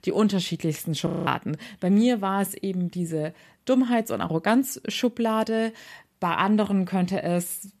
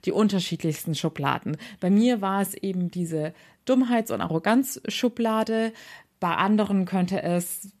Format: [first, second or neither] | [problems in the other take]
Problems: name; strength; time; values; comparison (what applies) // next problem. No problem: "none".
second | audio freezing; at 1 s